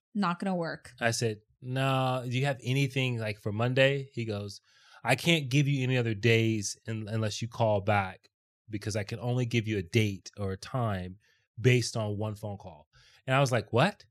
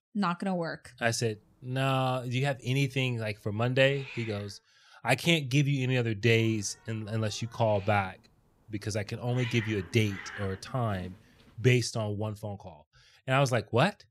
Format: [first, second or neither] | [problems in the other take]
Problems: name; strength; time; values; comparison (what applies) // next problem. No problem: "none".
first | hiss; noticeable; from 1 to 4.5 s and from 6.5 to 12 s; 15 dB below the speech